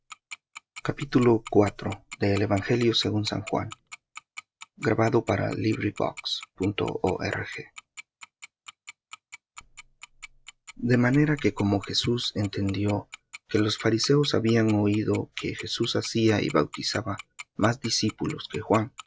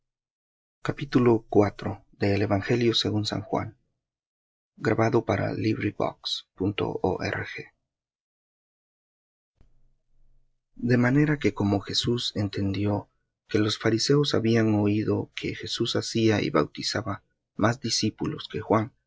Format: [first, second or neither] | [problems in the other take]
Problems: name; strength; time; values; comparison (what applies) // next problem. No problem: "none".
second | background sound (Tick-tock); 20 dB below the speech